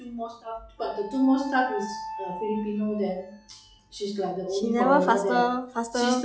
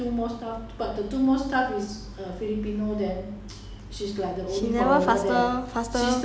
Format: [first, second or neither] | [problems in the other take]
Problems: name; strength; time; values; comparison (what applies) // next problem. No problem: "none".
second | noise reduction (classical method log-MMSE)